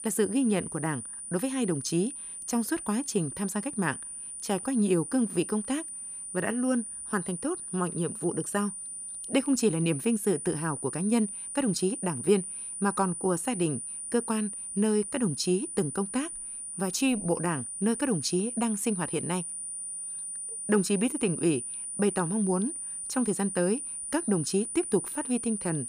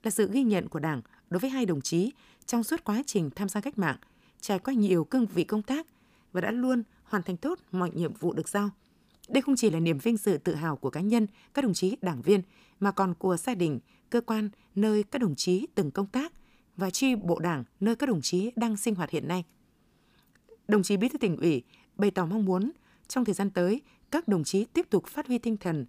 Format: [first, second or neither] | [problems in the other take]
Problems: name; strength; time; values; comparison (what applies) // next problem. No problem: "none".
second | high-pitched whine; loud; throughout; 9.5 kHz, 6 dB below the speech